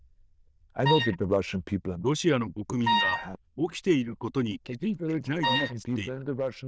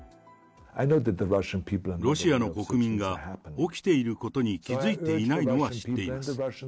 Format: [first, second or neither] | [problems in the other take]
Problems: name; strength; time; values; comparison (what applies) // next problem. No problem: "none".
second | noise reduction (neural diffusion model UNIVERSE++)